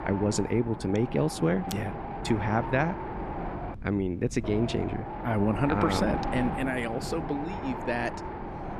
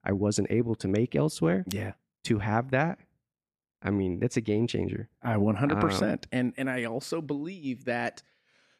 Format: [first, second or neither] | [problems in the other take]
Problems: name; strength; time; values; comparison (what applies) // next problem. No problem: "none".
second | wind noise on the microphone; heavy; 5 dB below the speech